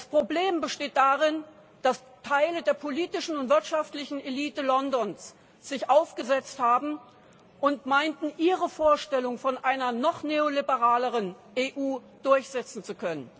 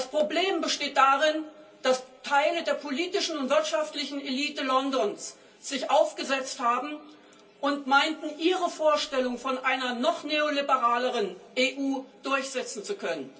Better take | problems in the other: first | room echo; dies away in 0.3 s

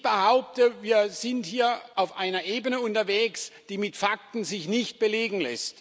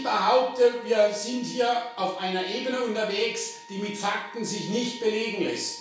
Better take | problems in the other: first | background sound (Wind instrument, woodwind instrument); 19 dB below the speech // room echo; dies away in 0.6 s

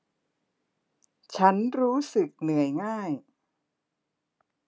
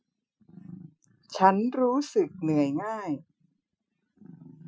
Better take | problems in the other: first | noise reduction (classical method Wiener filter)

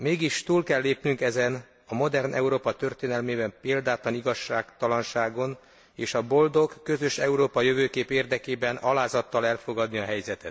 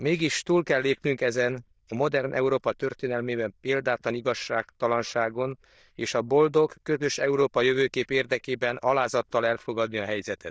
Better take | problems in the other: first | noise reduction (neural diffusion model UNIVERSE++)

